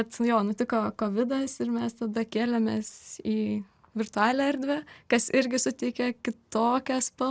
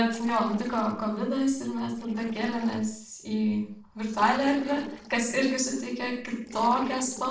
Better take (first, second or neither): first